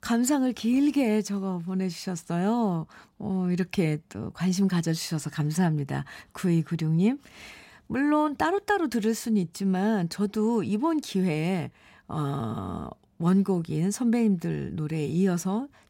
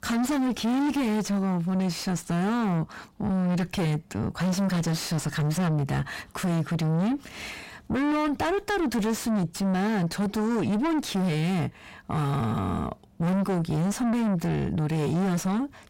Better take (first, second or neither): first